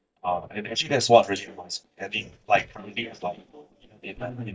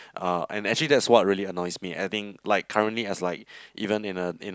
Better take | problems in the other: second | noise reduction (neural mask model DeepFilterNet 3)

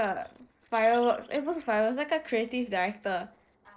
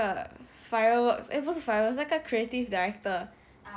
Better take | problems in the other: second | noise reduction (neural separator model SepFormer DNS4)

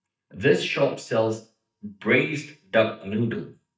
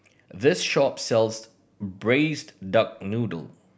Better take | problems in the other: second | noise reduction (neural mask model DeepFilterNet 3)

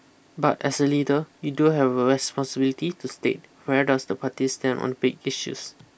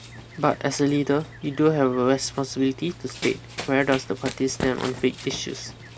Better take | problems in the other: first | background sound (Run); 13 dB below the speech

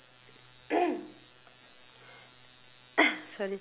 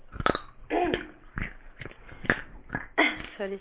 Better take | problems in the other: first | noise reduction (neural mask model Resemble Enhance denoiser)

